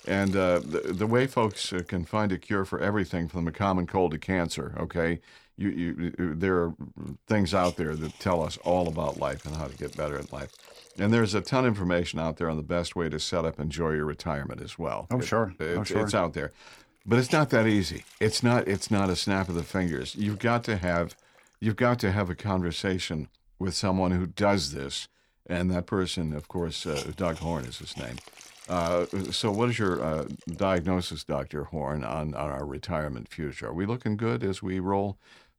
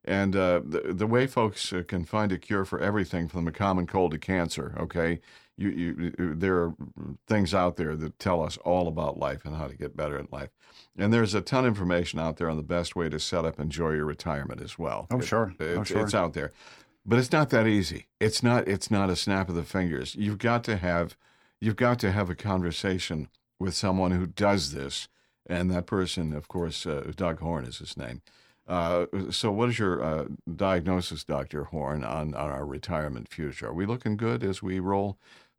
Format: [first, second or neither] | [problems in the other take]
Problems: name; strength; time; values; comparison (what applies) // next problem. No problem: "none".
second | hiss; noticeable; throughout; 20 dB below the speech